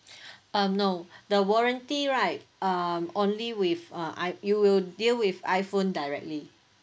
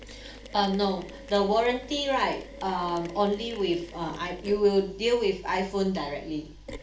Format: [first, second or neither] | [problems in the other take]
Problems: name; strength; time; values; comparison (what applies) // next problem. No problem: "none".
first | background sound (Mechanisms); 16 dB below the speech // room echo; dies away in 0.4 s